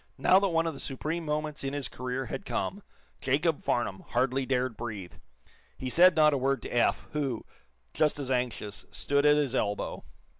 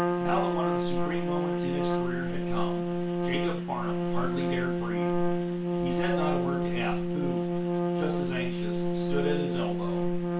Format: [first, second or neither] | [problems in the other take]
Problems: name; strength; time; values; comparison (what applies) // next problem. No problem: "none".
first | background sound (Trumpet); 5 dB above the speech // room echo; dies away in 0.3 s